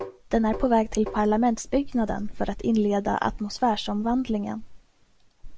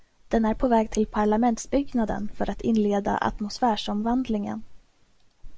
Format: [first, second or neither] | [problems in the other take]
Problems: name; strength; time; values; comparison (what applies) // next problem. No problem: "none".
second | background sound (Tap); 14 dB below the speech